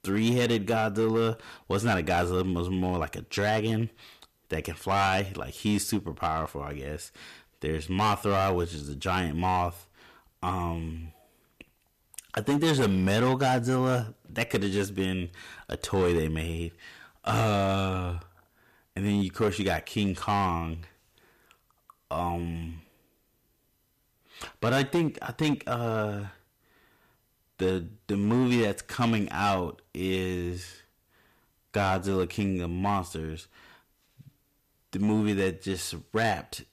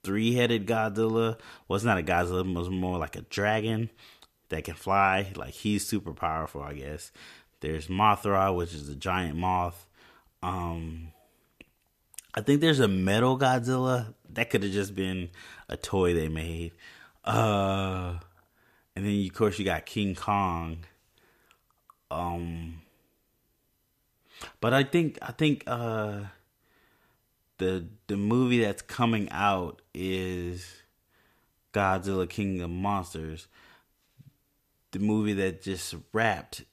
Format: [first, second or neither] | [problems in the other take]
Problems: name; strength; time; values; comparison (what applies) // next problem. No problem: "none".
second | distortion; slight; 5% of the sound clipped